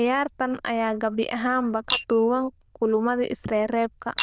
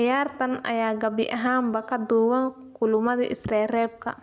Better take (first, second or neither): second